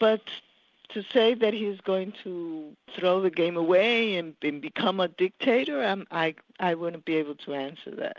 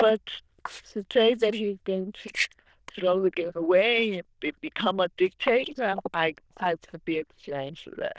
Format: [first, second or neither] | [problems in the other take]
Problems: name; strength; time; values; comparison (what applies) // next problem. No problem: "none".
first | noise reduction (neural diffusion model UNIVERSE++)